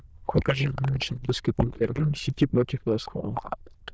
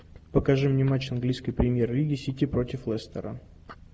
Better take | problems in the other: second | noise reduction (neural diffusion model UNIVERSE++)

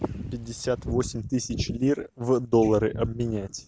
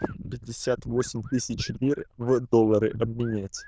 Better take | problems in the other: first | noise reduction (neural diffusion model UNIVERSE++)

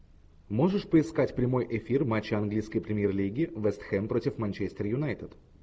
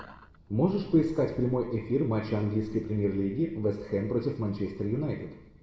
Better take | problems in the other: first | room echo; dies away in 0.8 s

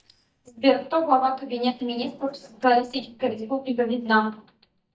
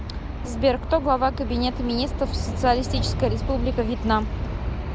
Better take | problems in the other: second | noise reduction (neural mask model DeepFilterNet 3)

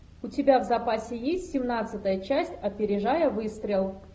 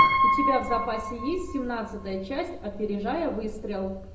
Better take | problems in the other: first | background sound (Piano); 2 dB above the speech // room echo; dies away in 0.7 s

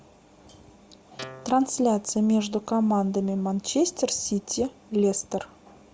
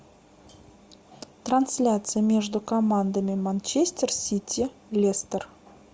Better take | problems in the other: second | background sound (Guitar); 18 dB below the speech

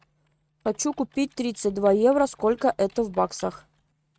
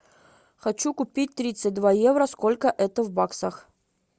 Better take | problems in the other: second | noise reduction (neural mask model RNNoise)

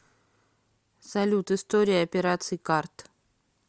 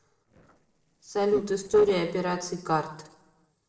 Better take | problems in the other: first | noise reduction (neural separator model SepFormer DNS4)

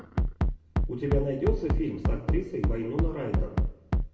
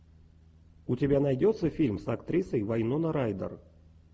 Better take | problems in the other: second | background sound (Bass drum); 4 dB above the speech // room echo; dies away in 0.8 s

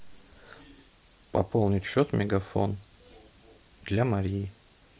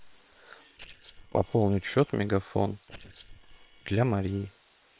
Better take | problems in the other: first | noise reduction (neural separator model SepFormer WHAM!)

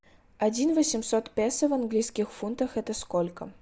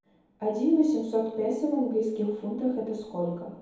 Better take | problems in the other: first | room echo; dies away in 1.9 s

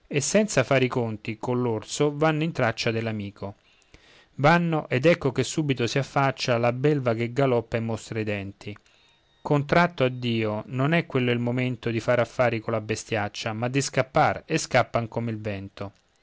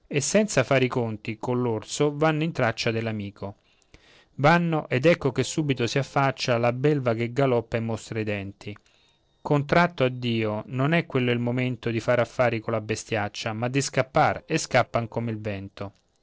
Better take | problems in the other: first | noise reduction (neural separator model SepFormer DNS4)

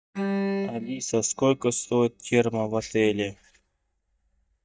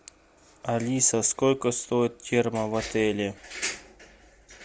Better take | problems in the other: second | noise reduction (neural mask model DeepFilterNet 3)

